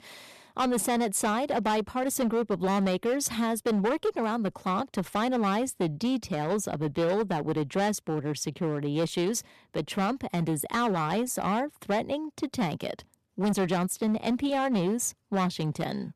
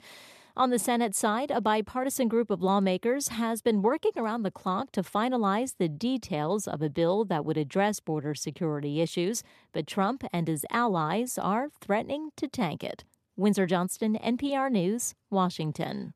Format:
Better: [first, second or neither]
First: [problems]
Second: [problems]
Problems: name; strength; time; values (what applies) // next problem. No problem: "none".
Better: second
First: distortion; slight; 12% of the sound clipped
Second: none